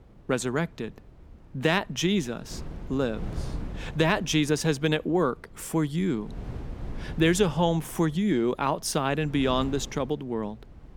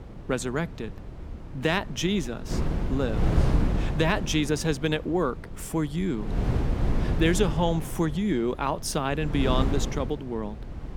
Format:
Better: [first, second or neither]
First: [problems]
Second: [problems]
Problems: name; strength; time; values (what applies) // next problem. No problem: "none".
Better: first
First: wind noise on the microphone; occasional gusts; 20 dB below the speech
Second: wind noise on the microphone; heavy; 9 dB below the speech